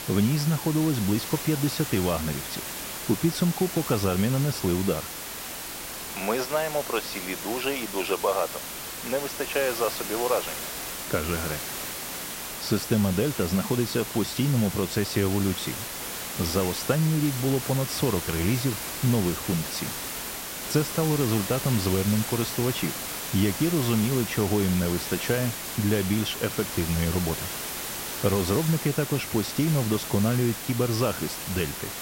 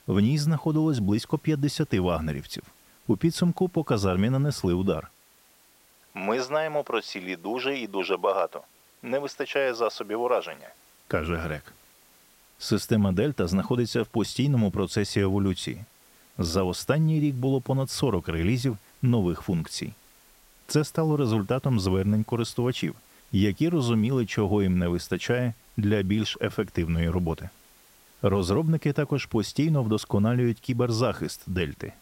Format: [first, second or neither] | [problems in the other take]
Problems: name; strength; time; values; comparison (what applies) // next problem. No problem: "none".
second | hiss; loud; throughout; 5 dB below the speech; faint in the second